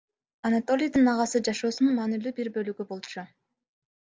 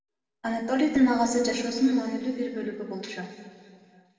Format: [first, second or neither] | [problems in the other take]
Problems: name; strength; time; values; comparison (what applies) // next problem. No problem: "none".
first | room echo; dies away in 2 s